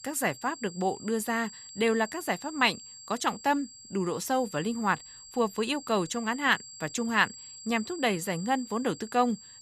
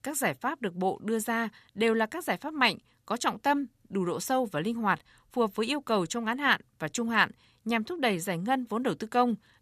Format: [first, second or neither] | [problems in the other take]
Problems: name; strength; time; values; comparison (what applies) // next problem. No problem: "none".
second | high-pitched whine; noticeable; throughout; 7.5 kHz, 15 dB below the speech